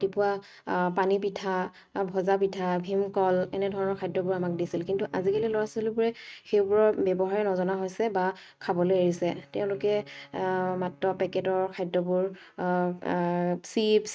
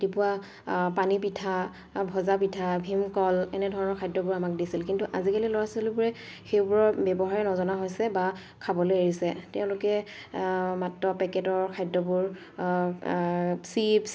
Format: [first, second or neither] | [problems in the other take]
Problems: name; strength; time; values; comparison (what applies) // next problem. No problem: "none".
second | noise reduction (neural mask model RNNoise)